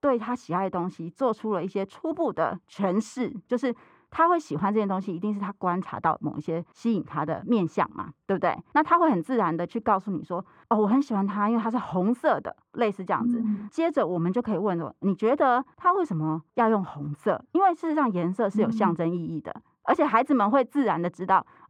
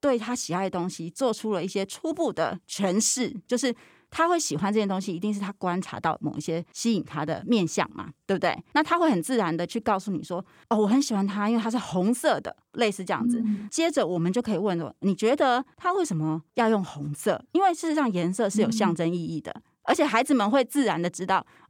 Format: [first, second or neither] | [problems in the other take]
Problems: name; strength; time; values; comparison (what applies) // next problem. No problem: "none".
second | muffled; very; fading above 3.5 kHz